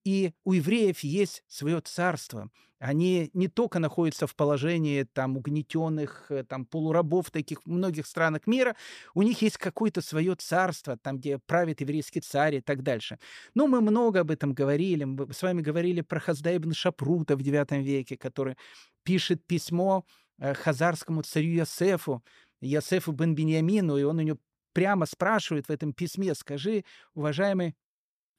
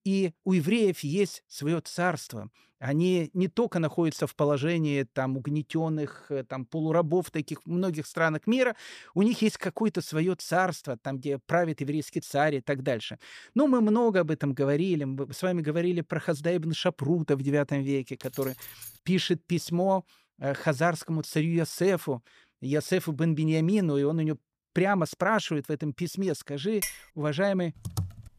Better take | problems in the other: first | jangling keys; faint; at 18 s; peak 15 dB below the speech // clattering dishes; noticeable; at 27 s; peak 5 dB below the speech // keyboard typing; noticeable; at 28 s; peak 7 dB below the speech

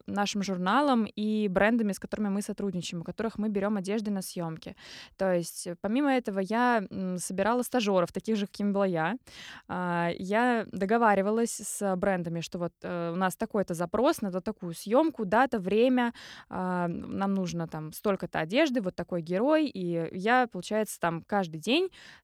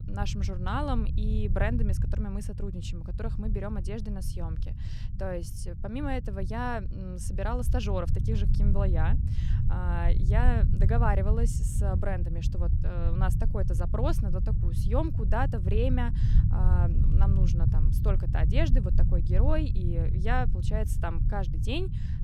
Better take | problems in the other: first | low rumble; loud; throughout; 8 dB below the speech

